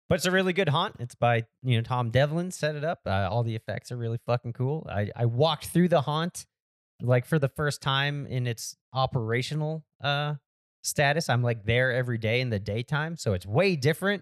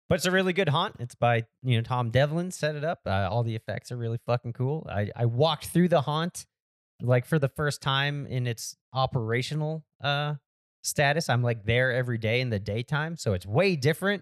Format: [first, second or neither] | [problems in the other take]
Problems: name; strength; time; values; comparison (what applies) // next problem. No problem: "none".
neither | none